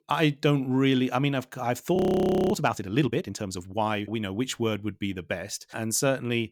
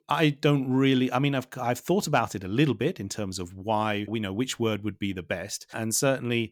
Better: second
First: audio freezing; at 2 s for 0.5 s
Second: none

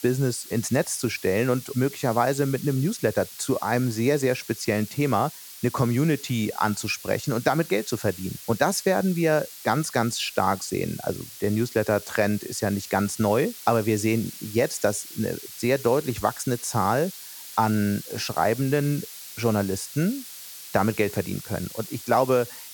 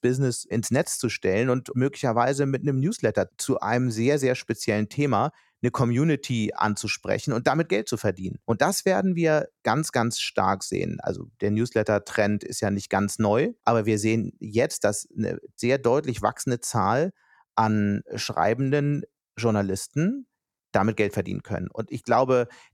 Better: second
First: hiss; noticeable; throughout; 15 dB below the speech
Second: none

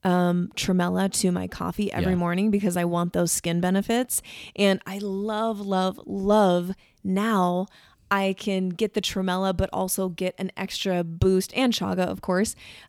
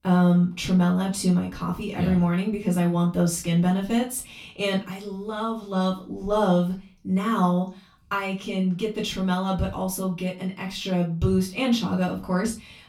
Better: first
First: none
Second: off-mic speech; far // room echo; very slight; dies away in 0.3 s

